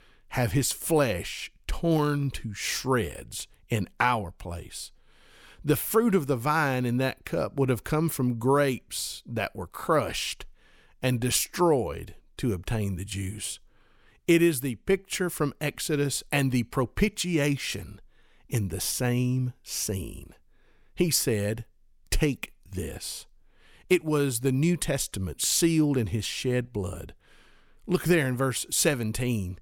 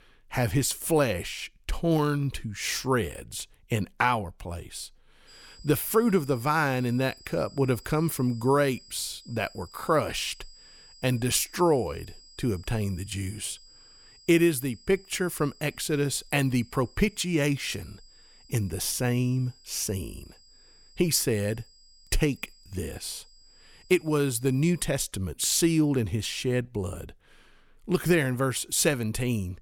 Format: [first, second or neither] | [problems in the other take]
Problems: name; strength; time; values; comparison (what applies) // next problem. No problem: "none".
first | high-pitched whine; faint; from 5.5 to 25 s; 5 kHz, 25 dB below the speech